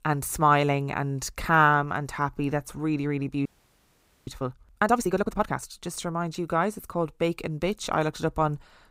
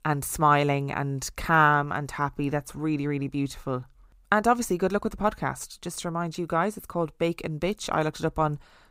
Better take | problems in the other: second | audio freezing; at 3.5 s for 1 s

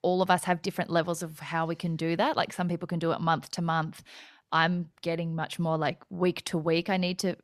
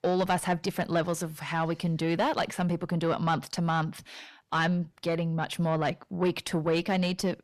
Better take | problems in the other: first | distortion; slight; 10 dB below the speech

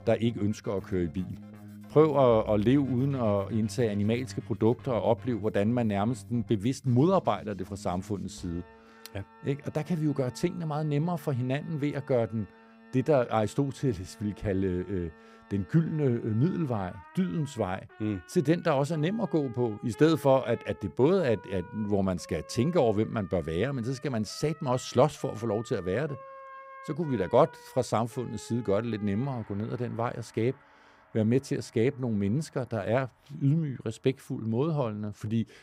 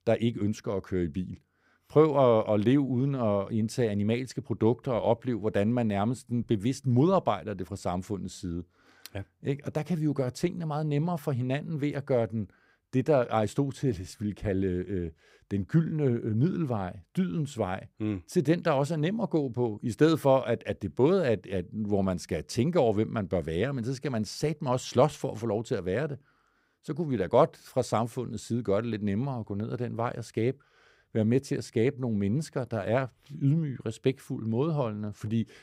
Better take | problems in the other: second | background music; faint; throughout; 20 dB below the speech

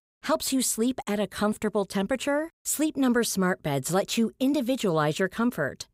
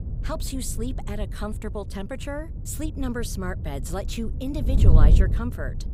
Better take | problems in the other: first | wind noise on the microphone; heavy; 7 dB below the speech

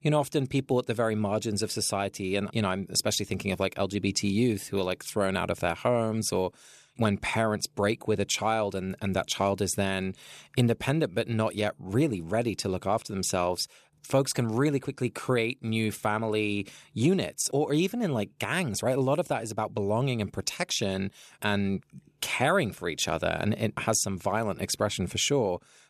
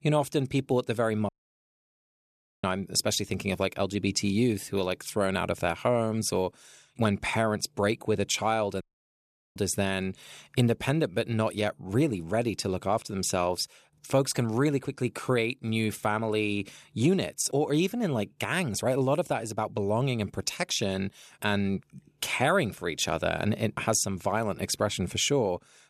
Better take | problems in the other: first | audio cutting out; at 1.5 s for 1.5 s and at 9 s for 1 s

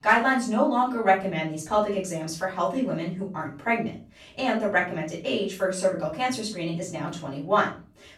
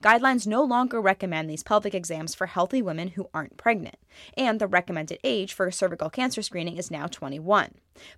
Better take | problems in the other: second | off-mic speech; far // room echo; slight; dies away in 0.4 s

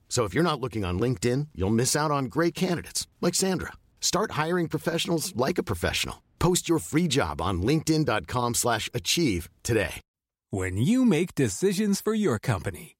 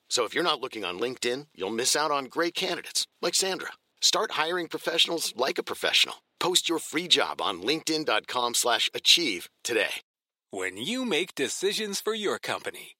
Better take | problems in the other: first | thin; somewhat; fading below 450 Hz

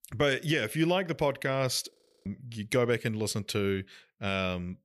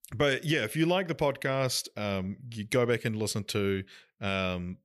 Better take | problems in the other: second | audio freezing; at 2 s

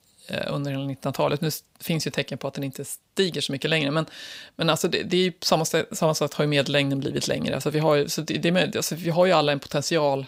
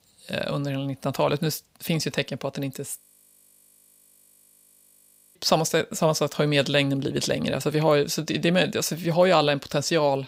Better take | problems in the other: first | audio freezing; at 3 s for 2.5 s

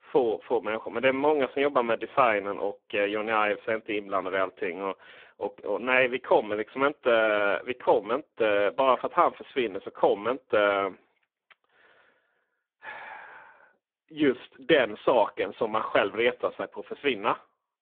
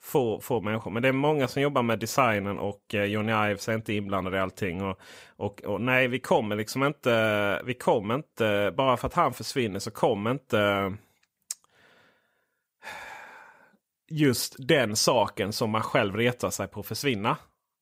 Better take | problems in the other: second | phone-call audio; poor line

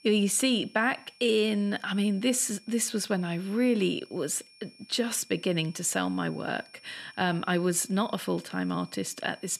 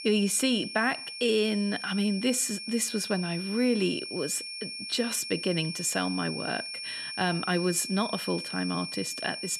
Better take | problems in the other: first | high-pitched whine; loud; throughout; 5.5 kHz, 7 dB below the speech; faint in the first

